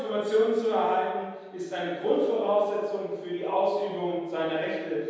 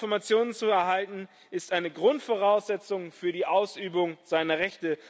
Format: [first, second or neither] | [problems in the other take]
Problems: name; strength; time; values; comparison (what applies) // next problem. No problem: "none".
second | room echo; dies away in 1.2 s